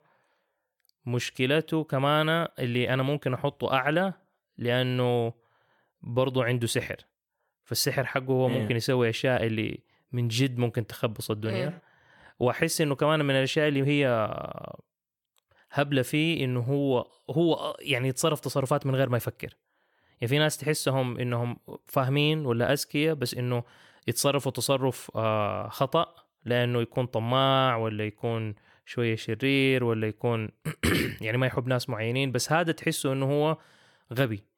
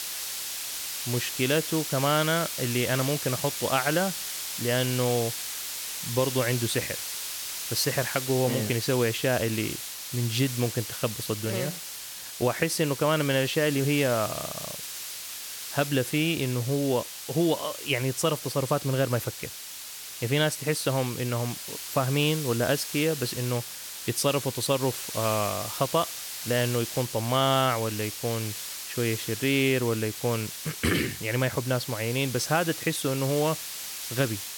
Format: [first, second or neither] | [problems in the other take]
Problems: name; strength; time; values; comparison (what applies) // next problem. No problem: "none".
first | hiss; loud; throughout; 6 dB below the speech